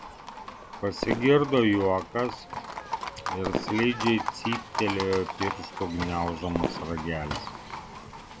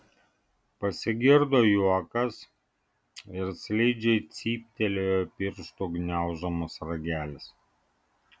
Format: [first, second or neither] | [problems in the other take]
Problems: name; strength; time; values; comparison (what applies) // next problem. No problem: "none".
second | background sound (Fireworks + Livestock, farm animals, working animals); 6 dB below the speech